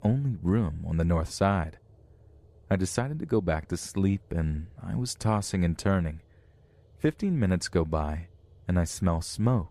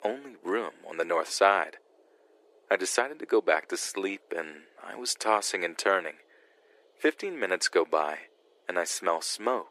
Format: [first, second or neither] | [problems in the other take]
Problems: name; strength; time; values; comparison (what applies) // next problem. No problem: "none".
first | thin; very; fading below 350 Hz